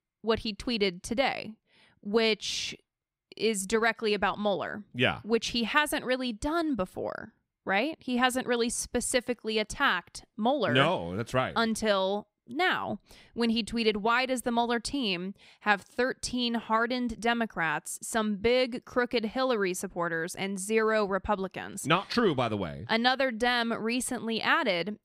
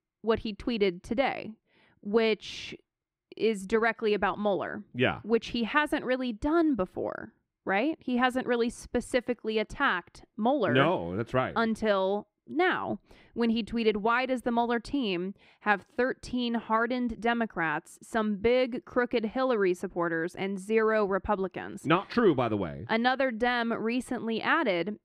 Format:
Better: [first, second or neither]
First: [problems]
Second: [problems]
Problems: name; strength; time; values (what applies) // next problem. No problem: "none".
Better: first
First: none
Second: muffled; slightly; fading above 3.5 kHz